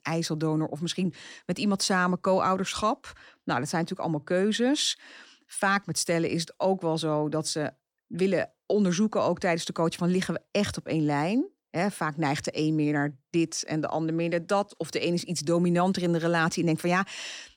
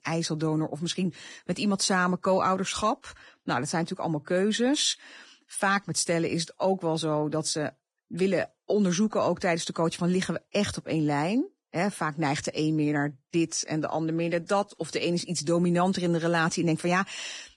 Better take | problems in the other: first | garbled, watery; badly; nothing above 10.5 kHz

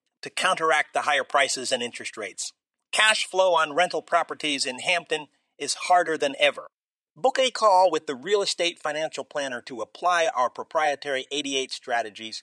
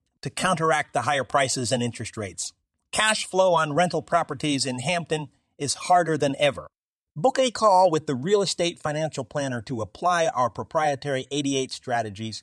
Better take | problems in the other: second | thin; somewhat; fading below 400 Hz

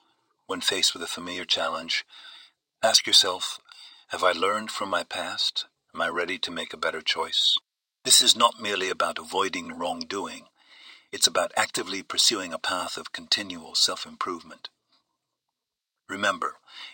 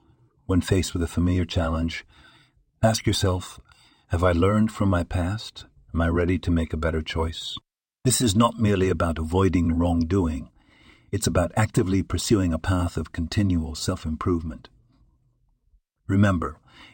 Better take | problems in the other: second | thin; very; fading below 700 Hz

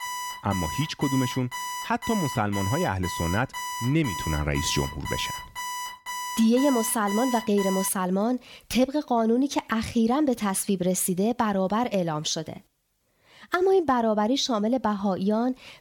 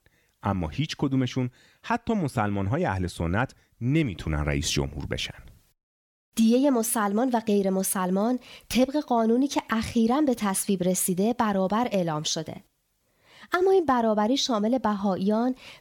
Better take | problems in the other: second | alarm; noticeable; until 8 s; peak 6 dB below the speech

